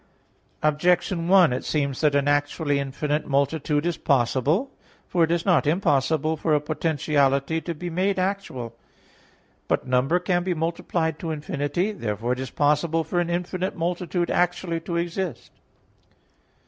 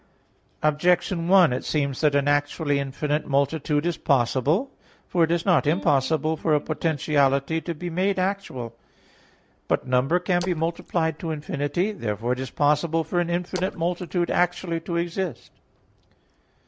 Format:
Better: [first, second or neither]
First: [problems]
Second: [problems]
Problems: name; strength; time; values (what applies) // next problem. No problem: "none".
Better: first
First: none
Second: background sound (Splash, splatter + Electric guitar); 18 dB below the speech